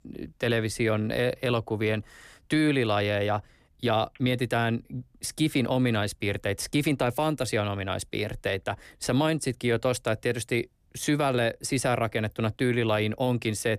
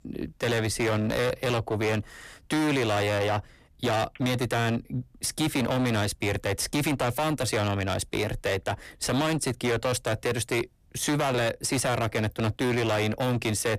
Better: first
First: none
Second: distortion; heavy; 21% of the sound clipped

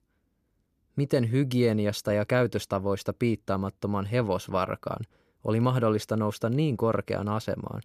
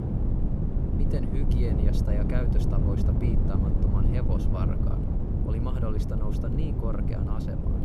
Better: first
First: none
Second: wind noise on the microphone; heavy; 2 dB above the speech

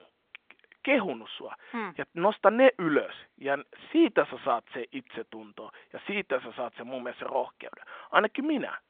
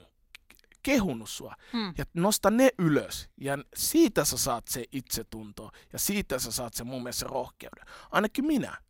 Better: second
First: phone-call audio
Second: none

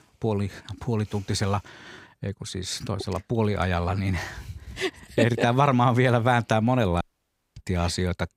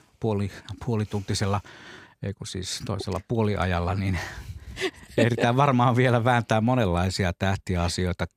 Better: second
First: audio cutting out; at 7 s for 0.5 s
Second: none

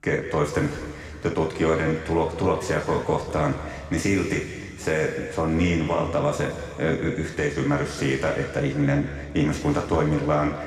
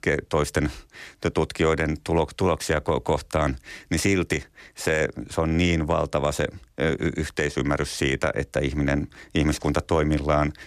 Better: second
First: room echo; noticeable; dies away in 2.2 s // off-mic speech; far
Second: none

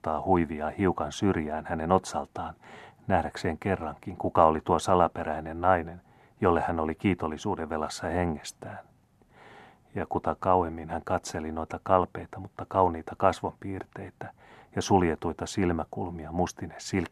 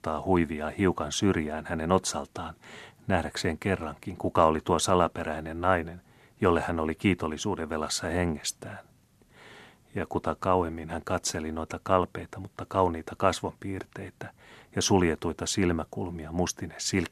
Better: second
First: muffled; slightly; fading above 2.5 kHz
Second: none

